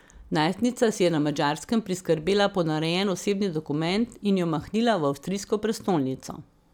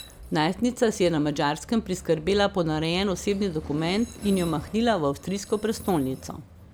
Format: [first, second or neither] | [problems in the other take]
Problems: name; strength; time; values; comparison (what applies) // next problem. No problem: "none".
first | background sound (Fart + Train); 17 dB below the speech